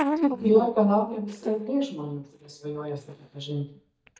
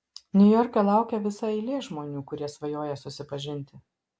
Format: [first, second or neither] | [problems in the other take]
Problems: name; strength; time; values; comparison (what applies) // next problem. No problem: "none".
second | noise reduction (neural mask model DeepFilterNet 3)